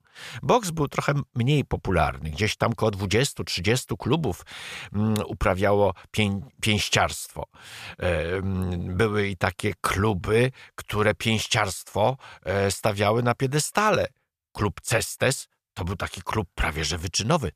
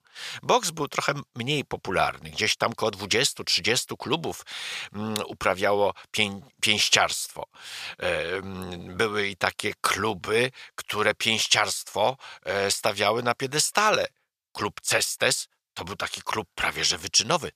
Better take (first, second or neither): first